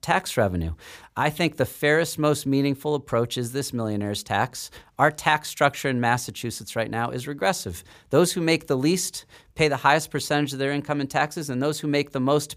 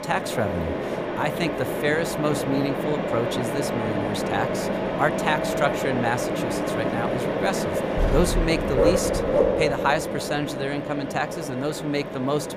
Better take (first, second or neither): first